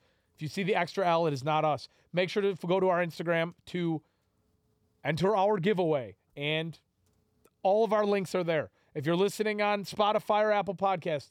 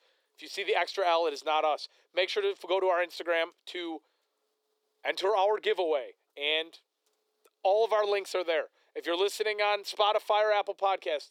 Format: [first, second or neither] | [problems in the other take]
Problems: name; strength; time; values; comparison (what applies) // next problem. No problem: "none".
first | thin; very; fading below 350 Hz